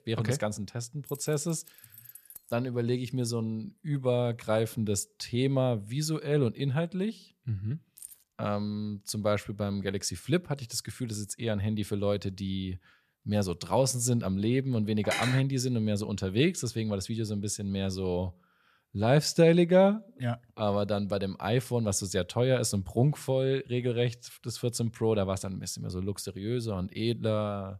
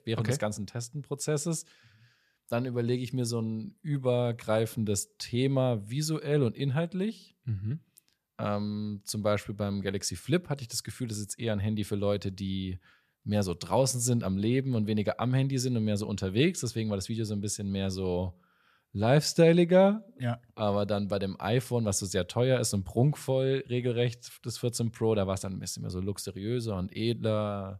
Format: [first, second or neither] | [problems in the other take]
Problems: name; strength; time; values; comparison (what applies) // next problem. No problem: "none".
second | jangling keys; faint; from 1 to 2.5 s and at 8 s; peak 15 dB below the speech // clattering dishes; noticeable; at 15 s; peak 2 dB below the speech